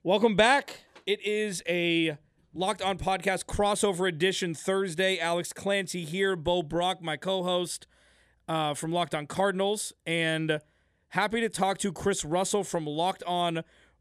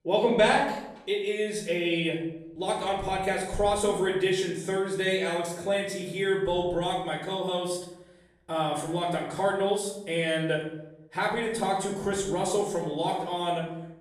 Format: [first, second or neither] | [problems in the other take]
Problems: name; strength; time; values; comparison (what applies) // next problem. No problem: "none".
first | off-mic speech; far // room echo; noticeable; dies away in 0.7 s